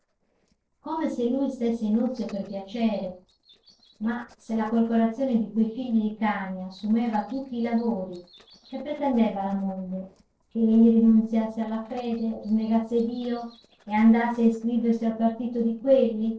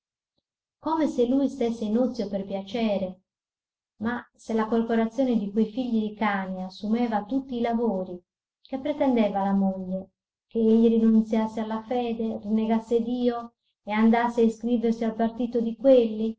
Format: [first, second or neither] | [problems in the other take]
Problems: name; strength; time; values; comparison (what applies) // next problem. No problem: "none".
second | noise reduction (neural separator model SepFormer DNS4)